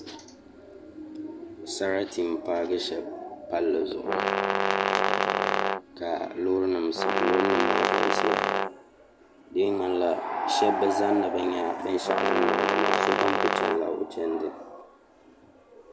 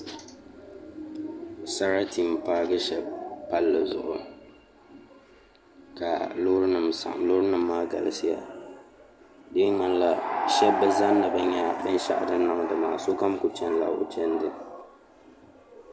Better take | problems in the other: second | background sound (Brass instrument); 3 dB above the speech

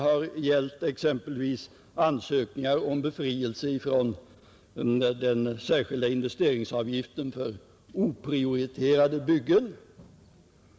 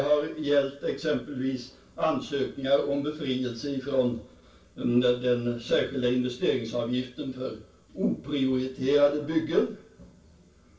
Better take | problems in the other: first | room echo; dies away in 0.3 s

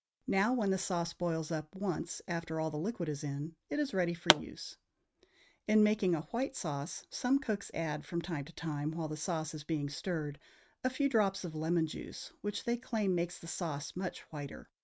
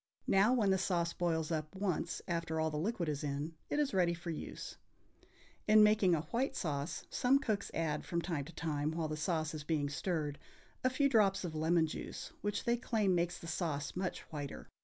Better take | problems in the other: second | noise reduction (neural mask model RNNoise)

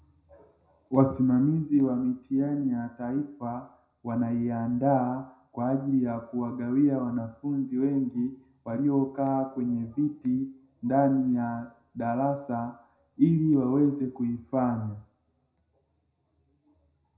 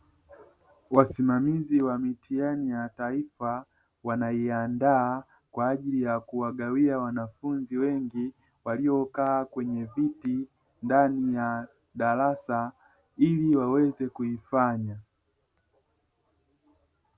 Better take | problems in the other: second | room echo; dies away in 0.5 s

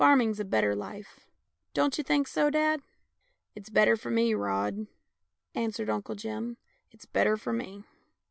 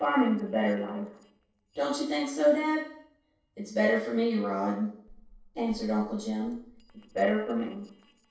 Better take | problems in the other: first | noise reduction (neural separator model SepFormer DNS4)

